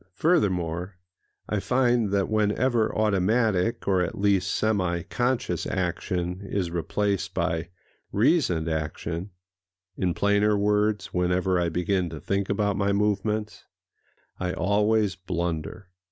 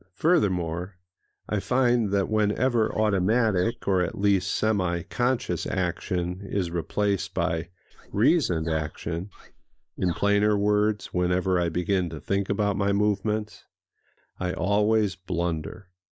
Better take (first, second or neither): first